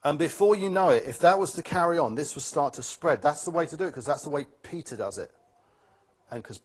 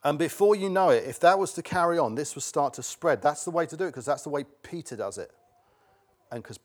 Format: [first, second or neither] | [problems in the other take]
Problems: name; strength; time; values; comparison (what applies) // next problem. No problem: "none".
second | garbled, watery; slightly